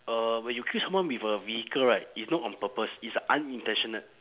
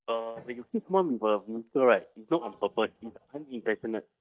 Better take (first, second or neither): first